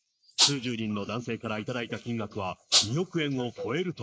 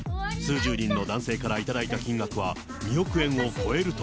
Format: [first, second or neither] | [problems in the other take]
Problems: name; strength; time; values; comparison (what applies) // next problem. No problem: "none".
second | noise reduction (neural mask model Resemble Enhance denoiser)